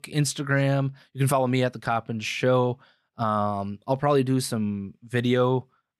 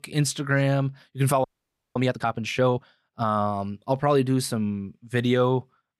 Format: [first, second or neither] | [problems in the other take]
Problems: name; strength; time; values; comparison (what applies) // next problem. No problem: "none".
first | audio freezing; at 1.5 s for 0.5 s